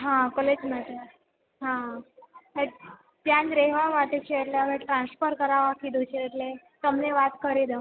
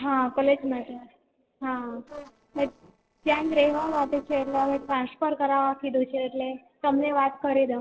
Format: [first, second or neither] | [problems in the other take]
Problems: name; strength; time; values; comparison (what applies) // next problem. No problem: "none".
first | noise reduction (neural separator model SepFormer DNS4)